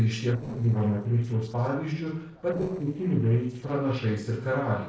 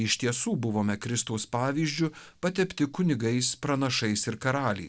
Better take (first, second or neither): second